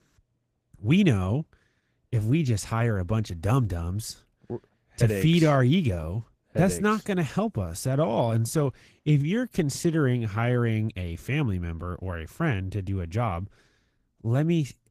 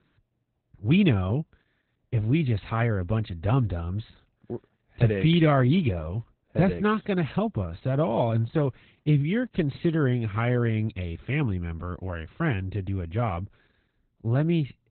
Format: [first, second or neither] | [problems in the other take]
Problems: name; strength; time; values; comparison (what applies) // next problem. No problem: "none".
first | garbled, watery; badly; nothing above 4 kHz; slightly in the first